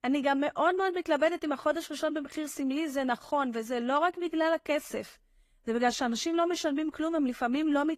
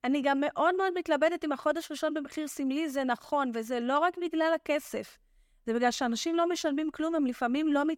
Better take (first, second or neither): second